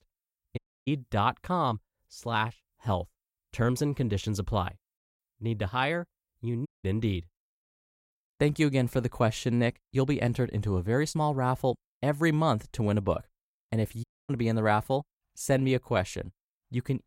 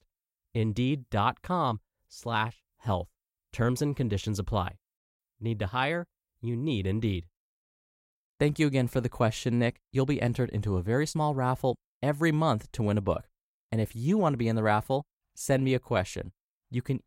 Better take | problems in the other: second | audio cutting out; at 0.5 s, at 6.5 s and at 14 s

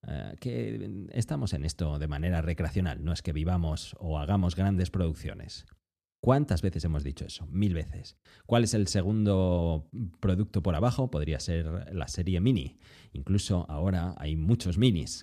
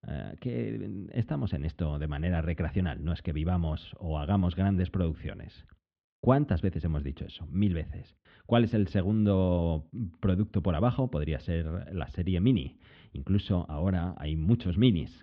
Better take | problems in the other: first | muffled; very; fading above 3.5 kHz

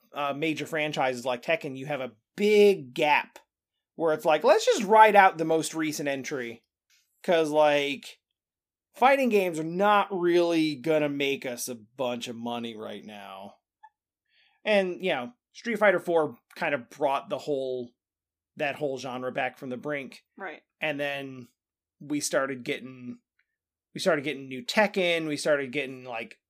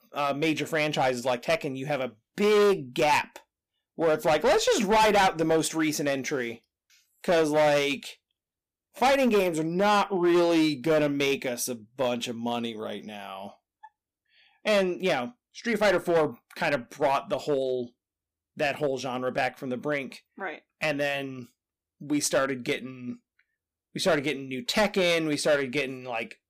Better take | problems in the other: first | distortion; heavy; 7% of the sound clipped

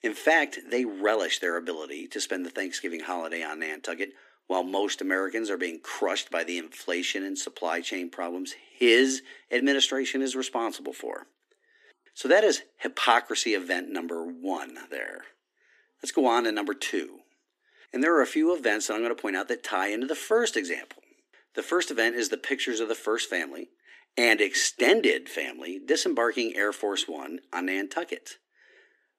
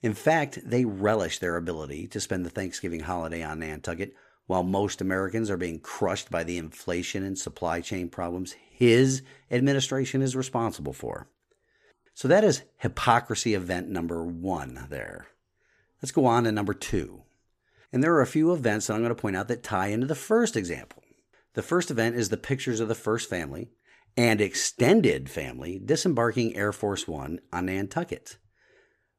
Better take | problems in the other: second | thin; very slightly; fading below 250 Hz

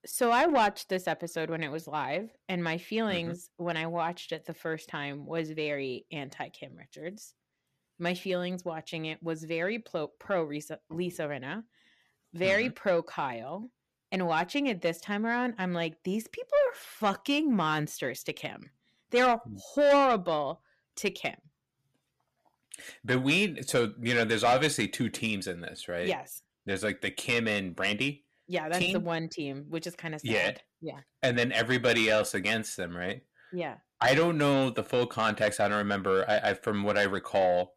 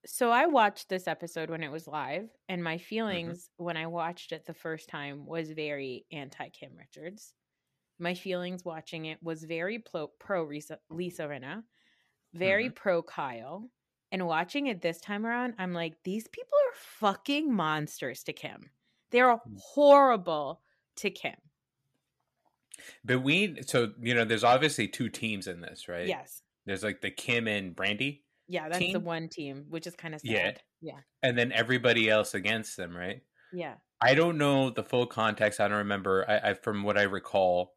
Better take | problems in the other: second | distortion; slight; 10 dB below the speech

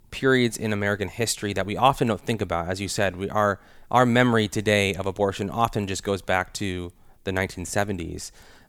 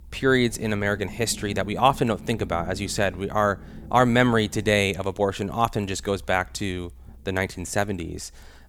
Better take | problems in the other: first | low rumble; faint; throughout; 25 dB below the speech

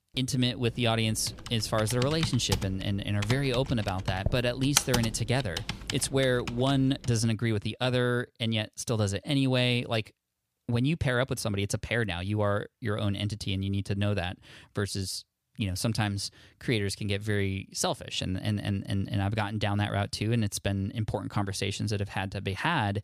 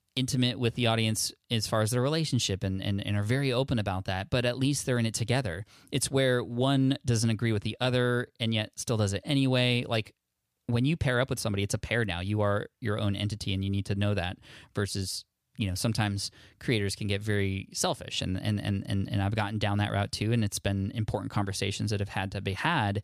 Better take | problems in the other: second | keyboard typing; loud; from 1.5 to 6.5 s; peak 3 dB above the speech

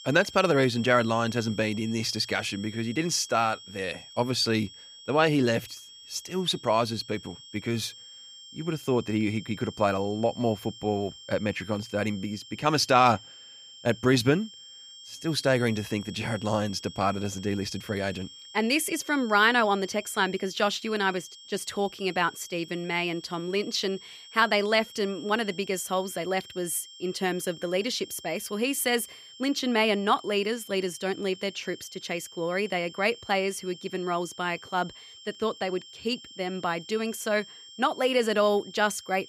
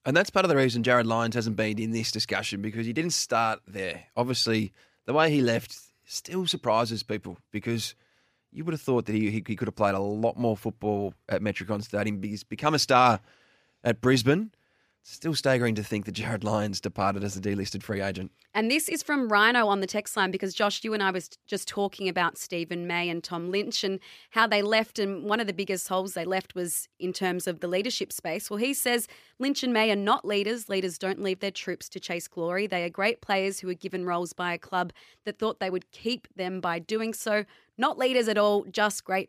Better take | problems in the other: second | high-pitched whine; noticeable; throughout; 3.5 kHz, 15 dB below the speech

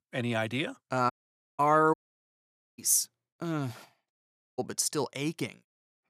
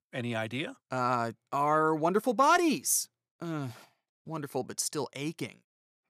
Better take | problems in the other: second | audio cutting out; at 1 s, at 2 s for 1 s and at 4 s

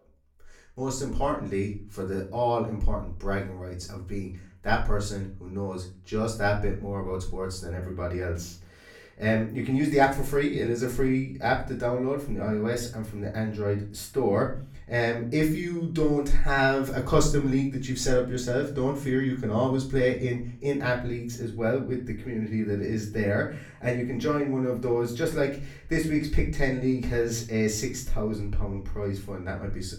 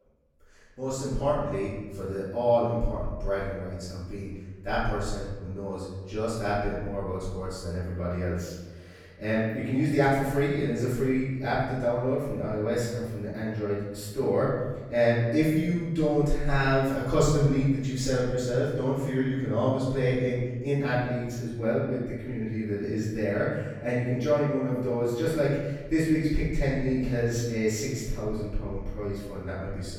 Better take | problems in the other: first | room echo; strong; dies away in 1.1 s; slight in the first // off-mic speech; far; far in the first

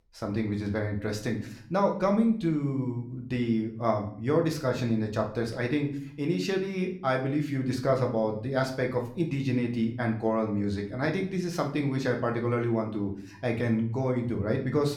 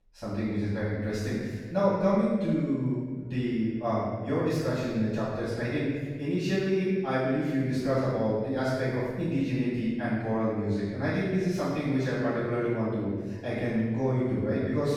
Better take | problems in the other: first | room echo; strong; dies away in 1.5 s; slight in the first // off-mic speech; far; somewhat distant in the first

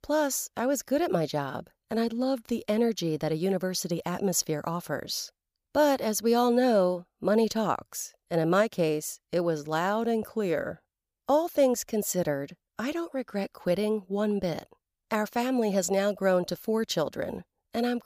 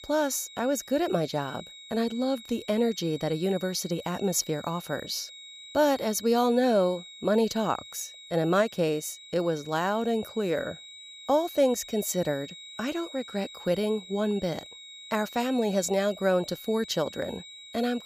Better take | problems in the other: first | high-pitched whine; noticeable; throughout; 4 kHz, 15 dB below the speech

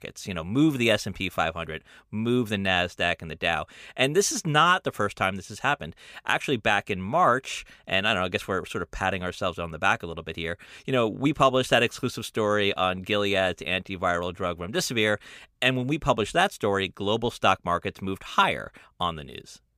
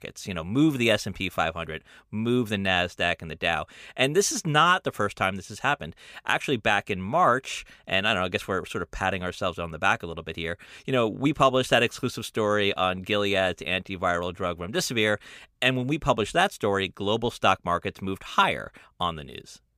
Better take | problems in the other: neither | none

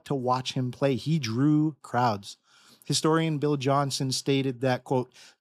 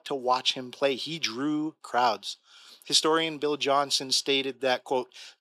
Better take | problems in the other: first | thin; somewhat; fading below 450 Hz

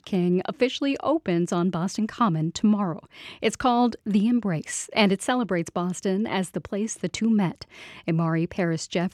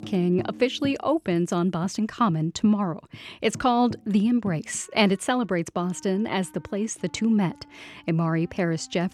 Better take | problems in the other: first | background music; noticeable; throughout; 20 dB below the speech

